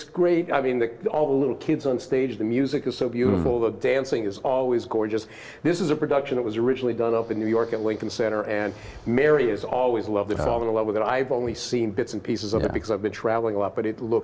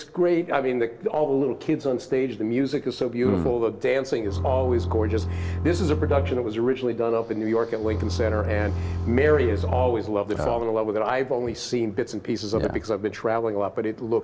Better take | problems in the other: first | background sound (Bowed string instrument); 3 dB below the speech

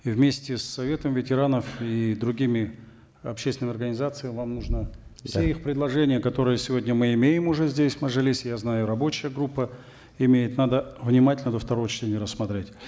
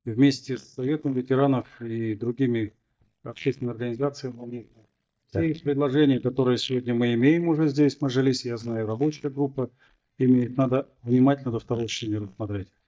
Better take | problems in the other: first | noise reduction (neural mask model DeepFilterNet 3)

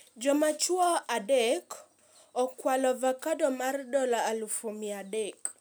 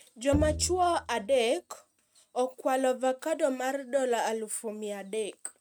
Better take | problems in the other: first | noise reduction (neural mask model RNNoise)

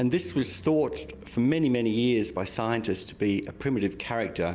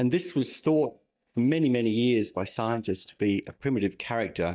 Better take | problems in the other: first | noise reduction (neural mask model DeepFilterNet 3)

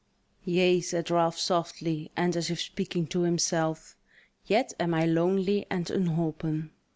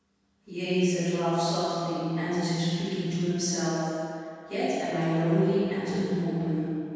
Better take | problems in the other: first | room echo; dies away in 2.1 s

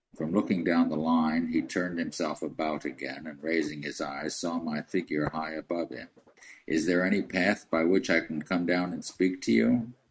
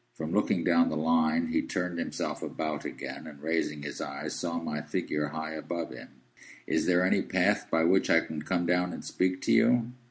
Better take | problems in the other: second | noise reduction (neural mask model RNNoise)

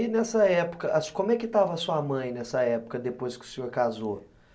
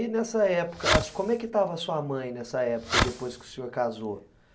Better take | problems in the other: first | background sound (Fireworks); as loud as the speech

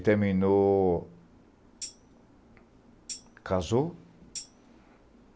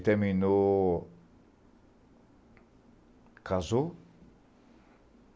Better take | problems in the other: second | background sound (Tambourine); 17 dB below the speech

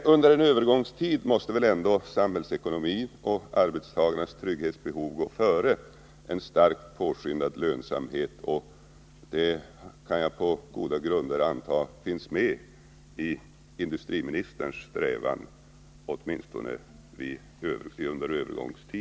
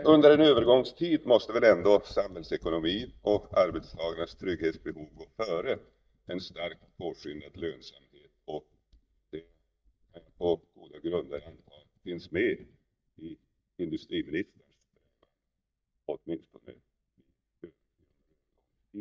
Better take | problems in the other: first | noise reduction (neural mask model DeepFilterNet 3)

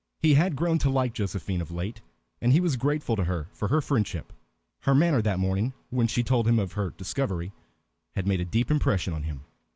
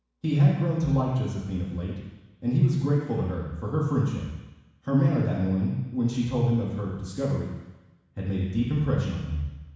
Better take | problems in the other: first | room echo; dies away in 1.1 s

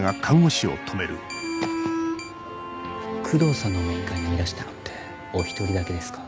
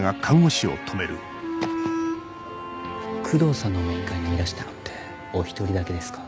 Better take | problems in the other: second | background sound (Keyboard (musical)); 17 dB below the speech

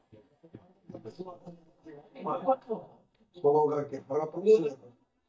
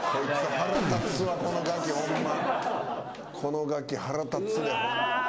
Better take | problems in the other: second | noise reduction (neural mask model DeepFilterNet 3)

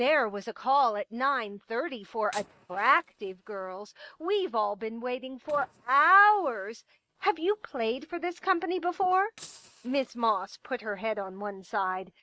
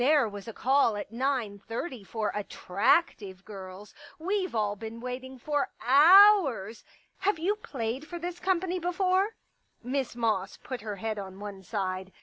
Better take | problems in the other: second | noise reduction (neural mask model RNNoise)

